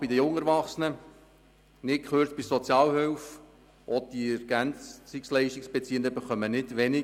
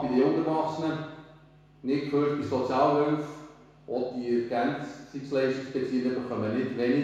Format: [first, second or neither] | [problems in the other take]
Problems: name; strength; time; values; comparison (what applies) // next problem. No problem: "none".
first | room echo; dies away in 1.1 s